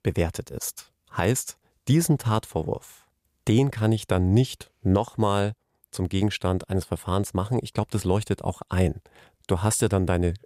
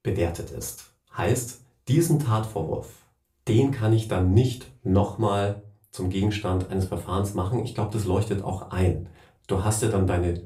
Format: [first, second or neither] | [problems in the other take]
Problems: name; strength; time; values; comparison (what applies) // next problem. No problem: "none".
first | off-mic speech; far // room echo; very slight; dies away in 0.3 s